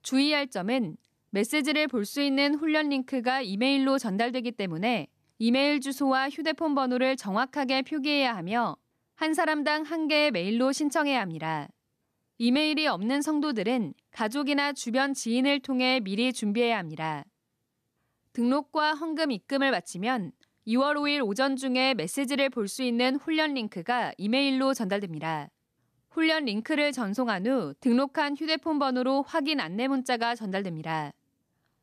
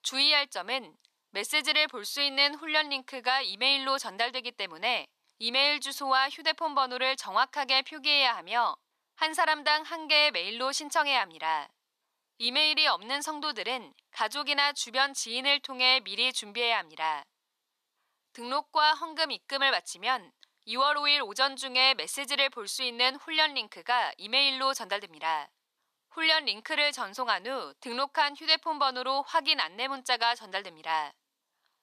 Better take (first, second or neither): first